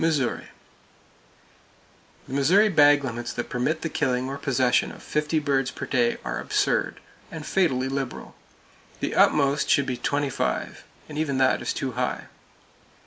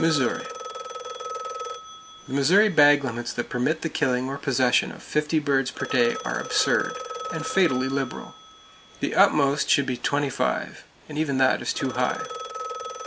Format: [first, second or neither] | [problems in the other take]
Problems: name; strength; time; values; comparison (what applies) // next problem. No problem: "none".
first | background sound (Telephone); 12 dB below the speech